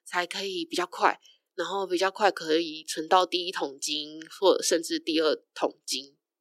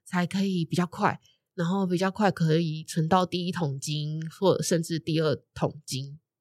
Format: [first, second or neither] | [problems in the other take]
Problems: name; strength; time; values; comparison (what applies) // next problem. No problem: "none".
second | thin; very; fading below 300 Hz